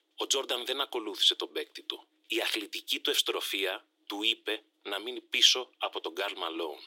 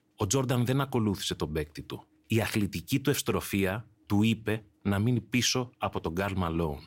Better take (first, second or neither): second